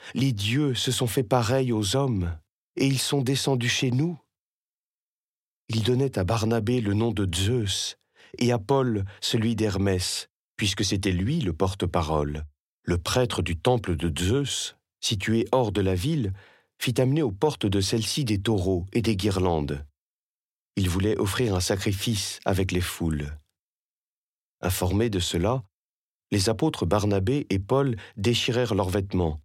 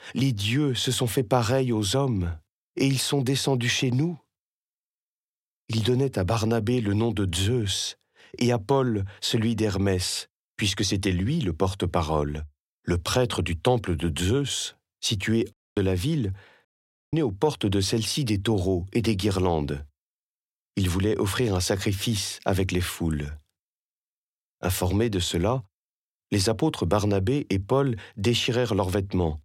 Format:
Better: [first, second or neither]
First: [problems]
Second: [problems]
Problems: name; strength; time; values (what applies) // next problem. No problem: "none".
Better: first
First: none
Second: audio cutting out; at 16 s and at 17 s